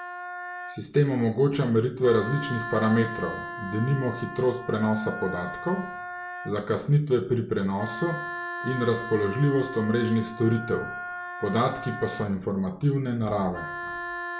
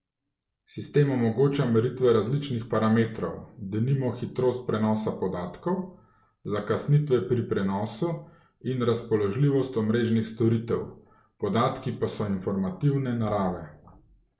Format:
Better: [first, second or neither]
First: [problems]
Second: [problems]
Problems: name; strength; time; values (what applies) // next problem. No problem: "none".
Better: second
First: background sound (Wind instrument, woodwind instrument); 10 dB below the speech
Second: none